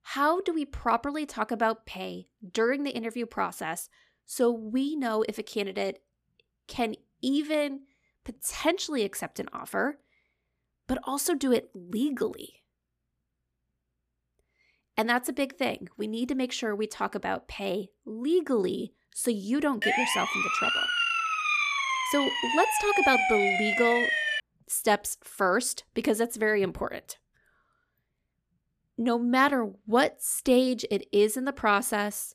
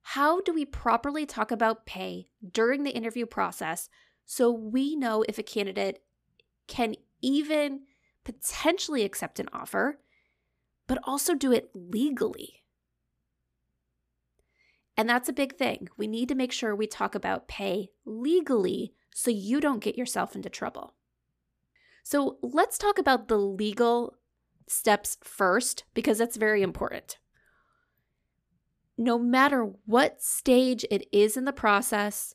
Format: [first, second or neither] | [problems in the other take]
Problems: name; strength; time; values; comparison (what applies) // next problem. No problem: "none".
second | siren; loud; from 20 to 24 s; peak 5 dB above the speech